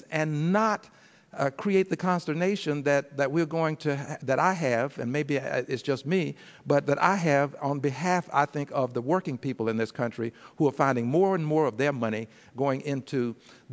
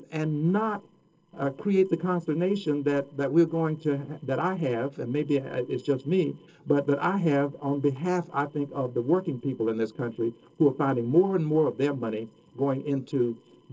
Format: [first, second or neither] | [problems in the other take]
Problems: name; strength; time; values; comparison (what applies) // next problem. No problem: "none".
first | noise reduction (neural separator model SepFormer DNS4)